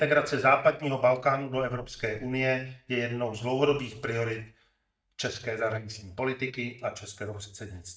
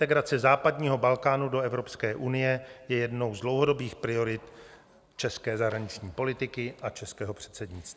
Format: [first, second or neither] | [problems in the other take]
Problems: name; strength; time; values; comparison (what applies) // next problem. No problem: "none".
second | noise reduction (neural mask model DeepFilterNet 3)